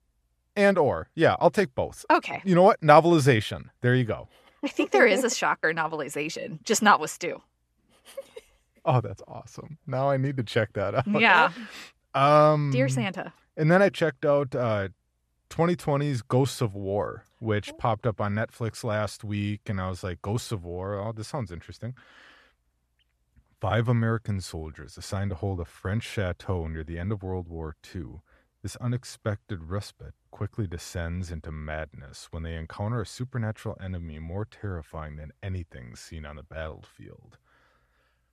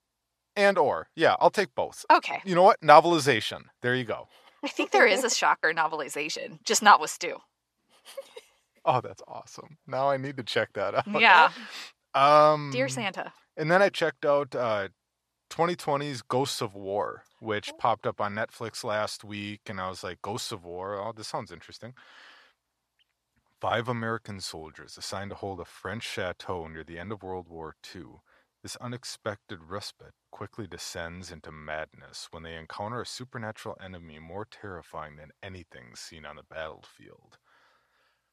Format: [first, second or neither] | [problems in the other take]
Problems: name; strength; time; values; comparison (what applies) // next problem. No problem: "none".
first | thin; somewhat; fading below 850 Hz